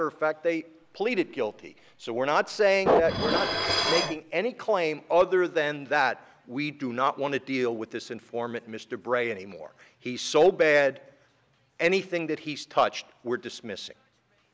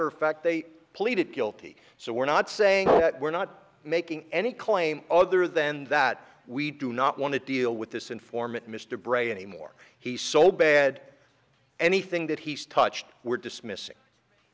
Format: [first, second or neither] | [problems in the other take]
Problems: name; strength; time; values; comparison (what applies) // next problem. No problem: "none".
second | background sound (Dishes, pots, and pans); 5 dB below the speech